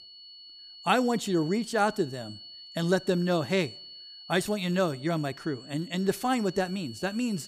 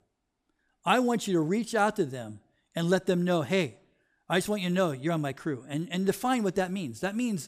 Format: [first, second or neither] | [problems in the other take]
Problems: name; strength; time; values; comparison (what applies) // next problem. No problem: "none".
second | high-pitched whine; noticeable; throughout; 4.5 kHz, 15 dB below the speech